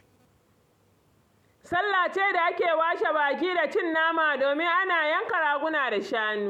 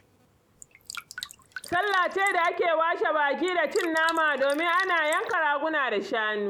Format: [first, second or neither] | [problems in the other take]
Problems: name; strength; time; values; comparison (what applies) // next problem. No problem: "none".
first | background sound (Drip); 16 dB below the speech